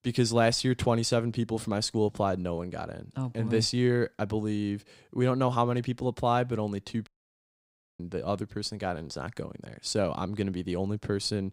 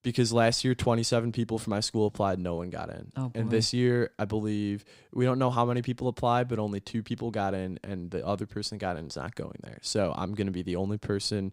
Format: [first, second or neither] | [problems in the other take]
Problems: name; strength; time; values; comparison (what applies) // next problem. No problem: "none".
second | audio cutting out; at 7 s for 1 s